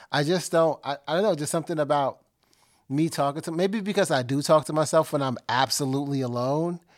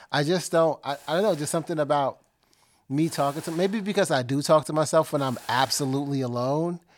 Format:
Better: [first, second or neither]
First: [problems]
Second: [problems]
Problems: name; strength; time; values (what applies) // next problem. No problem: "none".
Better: first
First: none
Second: hiss; faint; throughout; 20 dB below the speech